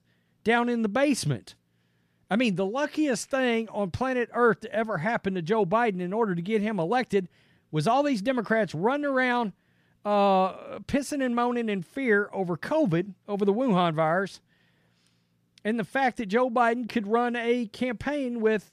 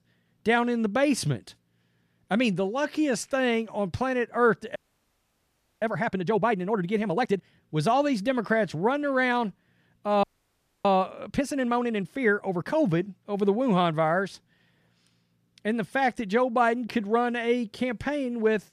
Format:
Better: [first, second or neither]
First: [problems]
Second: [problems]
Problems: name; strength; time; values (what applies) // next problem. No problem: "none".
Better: first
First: none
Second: audio freezing; at 5 s for 1 s and at 10 s for 0.5 s